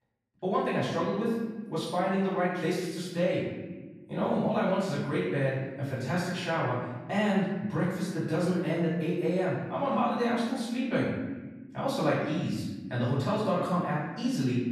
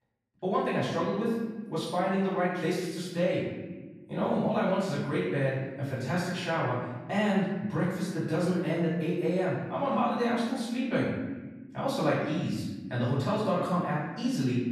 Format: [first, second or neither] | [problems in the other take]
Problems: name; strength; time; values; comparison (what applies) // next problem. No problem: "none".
neither | off-mic speech; far; the same in both // room echo; noticeable; dies away in 1.4 s; the same in both